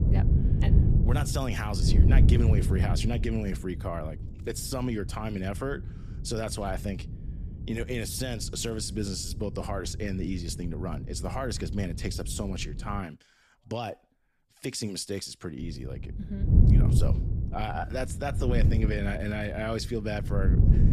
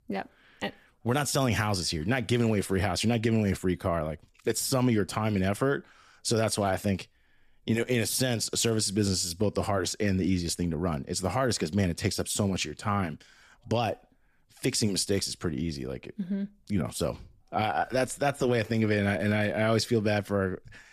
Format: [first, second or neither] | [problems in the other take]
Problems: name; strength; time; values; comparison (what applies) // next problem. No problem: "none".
second | wind noise on the microphone; heavy; until 13 s and from 16 s on; 6 dB below the speech